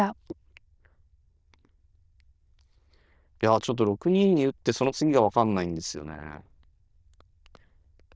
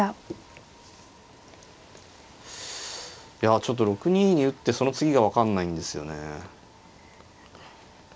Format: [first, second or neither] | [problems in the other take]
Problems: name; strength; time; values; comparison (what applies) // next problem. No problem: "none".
second | noise reduction (neural diffusion model UNIVERSE++)